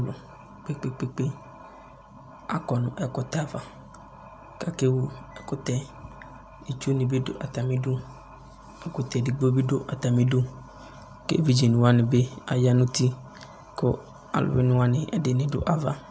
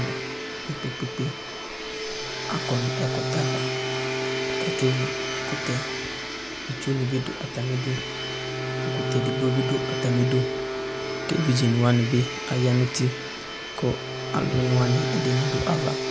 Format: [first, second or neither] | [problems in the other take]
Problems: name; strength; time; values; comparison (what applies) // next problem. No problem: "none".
first | background sound (Bowed string instrument + Domestic sounds, home sounds); 2 dB below the speech